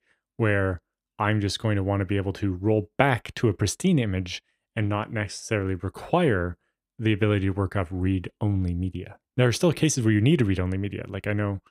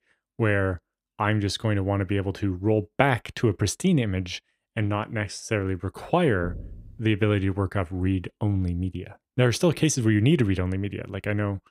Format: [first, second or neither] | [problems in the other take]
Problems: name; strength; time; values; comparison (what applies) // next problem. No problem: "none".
first | door banging; faint; at 6.5 s; peak 15 dB below the speech